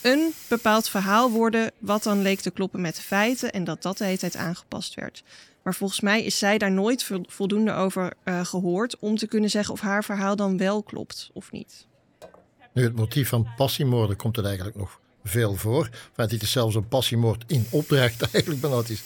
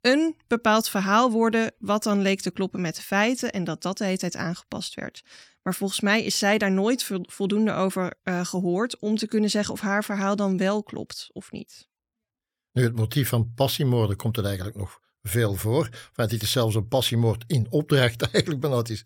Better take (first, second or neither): second